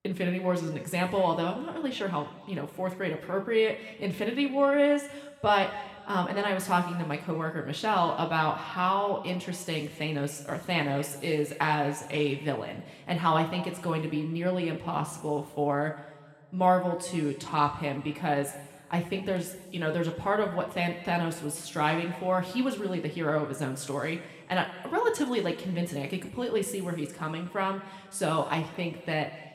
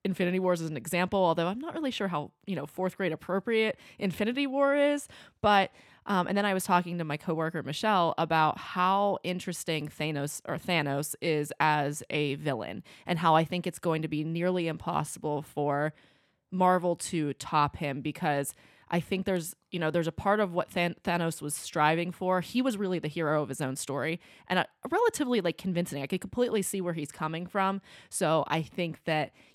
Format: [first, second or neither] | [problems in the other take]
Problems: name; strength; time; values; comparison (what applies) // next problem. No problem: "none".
second | room echo; slight; dies away in 1.3 s